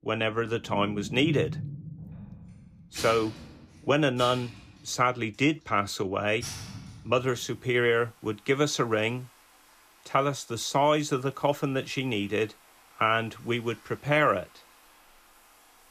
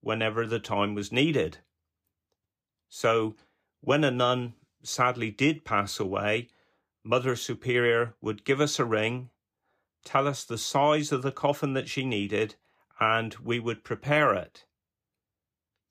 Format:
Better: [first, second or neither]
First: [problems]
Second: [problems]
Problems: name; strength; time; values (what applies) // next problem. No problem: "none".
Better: second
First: household noises; noticeable; throughout; 15 dB below the speech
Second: none